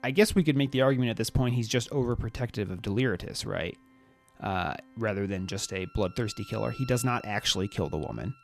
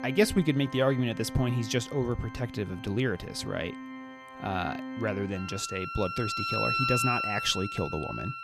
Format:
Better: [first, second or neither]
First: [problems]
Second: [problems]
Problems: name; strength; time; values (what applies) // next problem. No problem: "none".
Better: first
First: background music; faint; throughout; 25 dB below the speech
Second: background music; loud; throughout; 4 dB below the speech